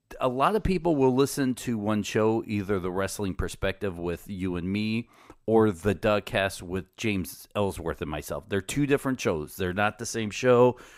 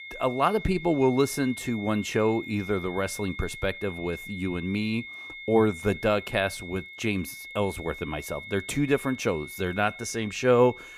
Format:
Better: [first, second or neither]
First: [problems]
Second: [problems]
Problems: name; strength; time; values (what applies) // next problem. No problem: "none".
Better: first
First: none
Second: high-pitched whine; noticeable; throughout; 2 kHz, 10 dB below the speech